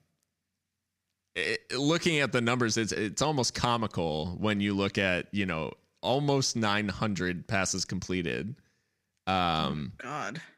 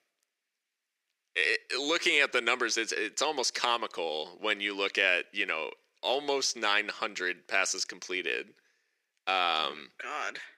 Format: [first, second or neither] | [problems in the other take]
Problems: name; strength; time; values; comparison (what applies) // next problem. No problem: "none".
first | thin; very; fading below 350 Hz